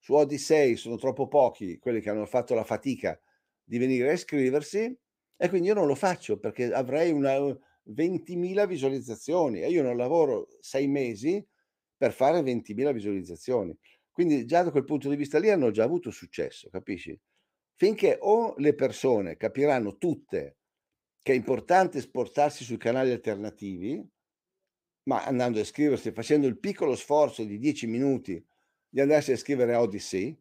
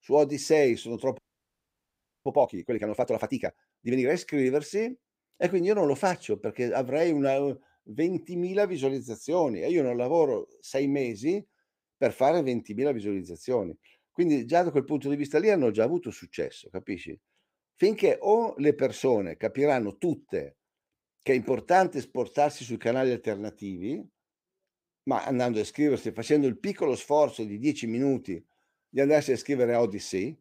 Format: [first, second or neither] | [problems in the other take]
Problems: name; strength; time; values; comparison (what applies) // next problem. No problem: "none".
first | audio freezing; at 1 s for 1 s